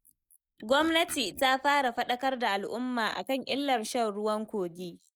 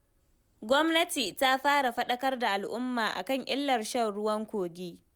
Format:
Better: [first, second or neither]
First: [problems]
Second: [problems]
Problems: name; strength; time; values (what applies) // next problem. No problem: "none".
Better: second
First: noise reduction (neural mask model Resemble Enhance denoiser)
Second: none